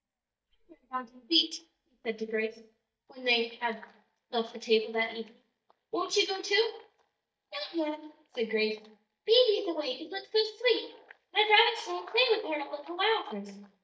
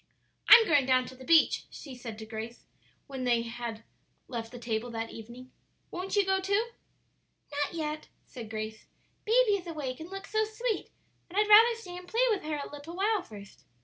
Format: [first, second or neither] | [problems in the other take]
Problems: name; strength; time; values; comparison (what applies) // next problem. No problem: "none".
second | noise reduction (neural mask model DeepFilterNet 3)